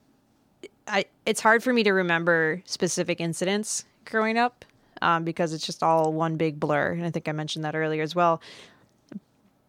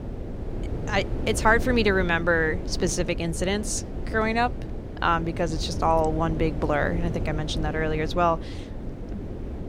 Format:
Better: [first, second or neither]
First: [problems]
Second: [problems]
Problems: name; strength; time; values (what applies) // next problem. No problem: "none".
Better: first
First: none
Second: wind noise on the microphone; occasional gusts; 15 dB below the speech